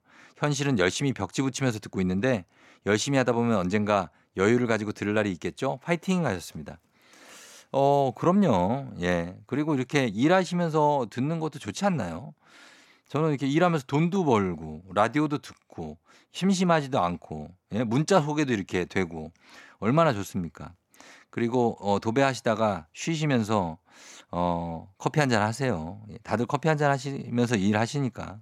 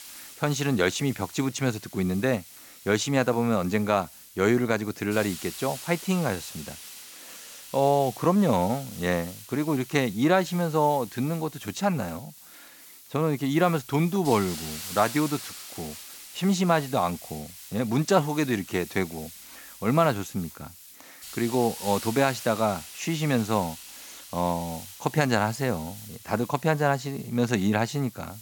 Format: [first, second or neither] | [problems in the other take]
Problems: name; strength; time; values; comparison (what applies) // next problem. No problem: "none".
first | hiss; noticeable; throughout; 15 dB below the speech